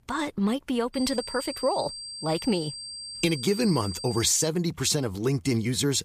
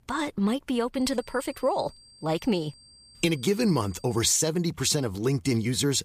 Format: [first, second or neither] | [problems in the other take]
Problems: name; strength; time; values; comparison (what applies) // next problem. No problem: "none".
second | high-pitched whine; loud; from 1 to 4.5 s; 4.5 kHz, 9 dB below the speech; faint in the second